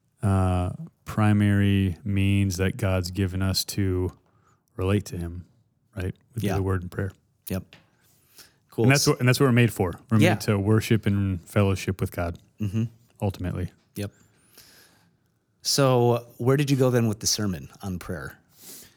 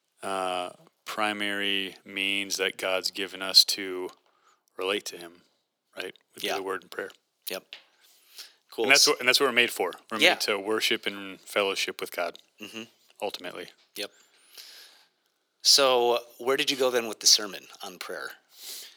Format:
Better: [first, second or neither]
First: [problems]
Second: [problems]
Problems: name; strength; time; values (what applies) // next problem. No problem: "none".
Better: first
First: none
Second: thin; very; fading below 400 Hz